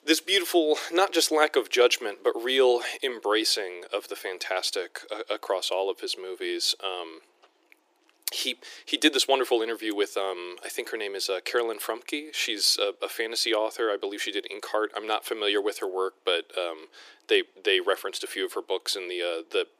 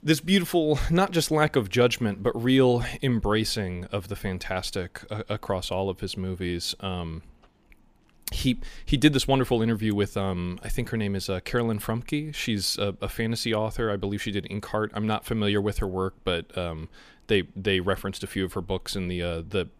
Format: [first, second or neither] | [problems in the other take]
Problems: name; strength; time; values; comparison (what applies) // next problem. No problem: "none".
second | thin; very; fading below 350 Hz